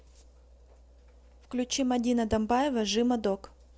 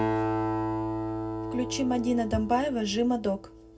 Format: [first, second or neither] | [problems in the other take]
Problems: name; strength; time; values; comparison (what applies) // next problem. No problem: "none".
first | background sound (Acoustic guitar); 2 dB below the speech // room echo; dies away in 0.2 s